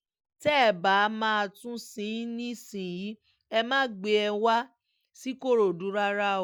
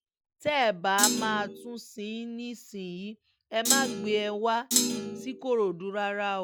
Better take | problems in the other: first | background sound (Thump, thud); 1 dB above the speech

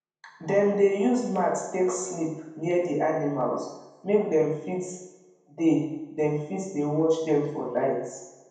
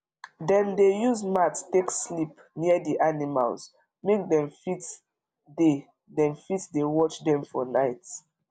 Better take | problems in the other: second | room echo; dies away in 0.8 s

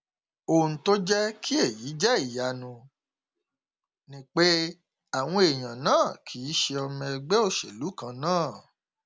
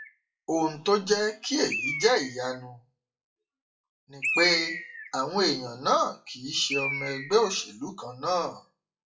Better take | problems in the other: first | noise reduction (classical method WPE with log-MMSE)

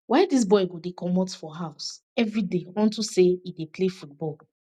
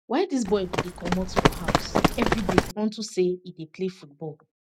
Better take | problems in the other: first | background sound (Run); 4 dB above the speech

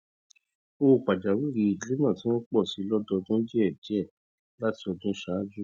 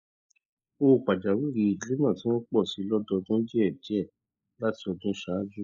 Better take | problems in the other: first | noise reduction (neural mask model Resemble Enhance denoiser)

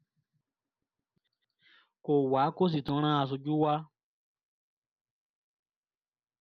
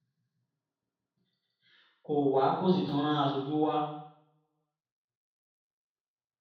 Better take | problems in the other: first | room echo; dies away in 0.6 s

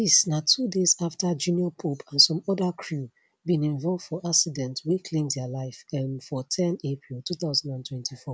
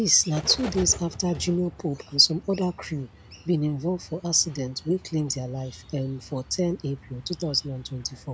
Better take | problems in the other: first | background sound (Bird); 16 dB below the speech

